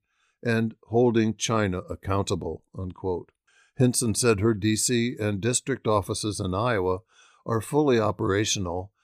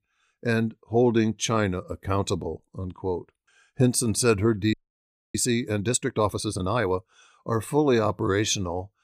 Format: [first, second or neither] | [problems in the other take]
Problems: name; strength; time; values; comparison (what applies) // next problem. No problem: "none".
first | audio freezing; at 4.5 s for 0.5 s